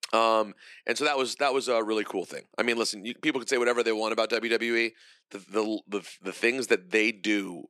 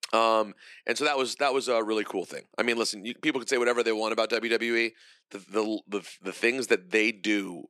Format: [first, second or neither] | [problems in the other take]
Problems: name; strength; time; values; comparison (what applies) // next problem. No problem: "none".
neither | thin; somewhat; fading below 300 Hz; the same in both